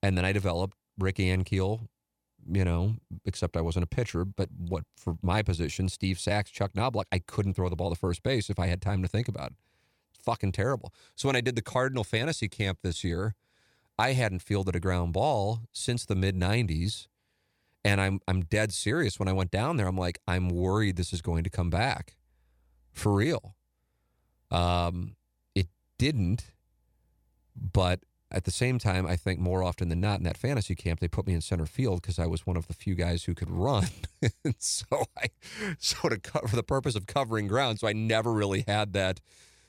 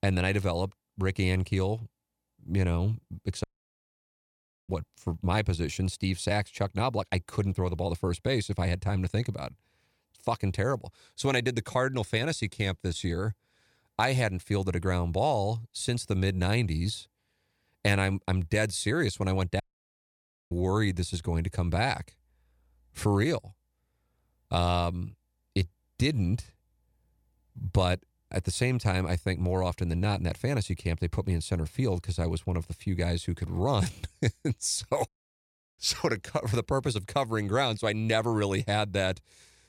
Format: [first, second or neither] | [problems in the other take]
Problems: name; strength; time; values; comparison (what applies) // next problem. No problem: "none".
first | audio cutting out; at 3.5 s for 1.5 s, at 20 s for 1 s and at 35 s for 0.5 s